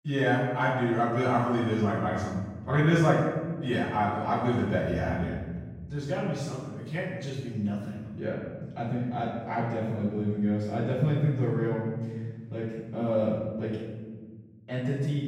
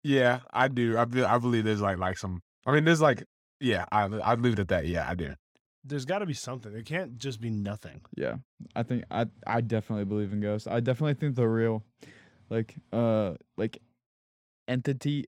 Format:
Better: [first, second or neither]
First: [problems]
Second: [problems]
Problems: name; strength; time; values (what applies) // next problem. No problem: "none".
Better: second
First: off-mic speech; far // room echo; strong; dies away in 1.7 s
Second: none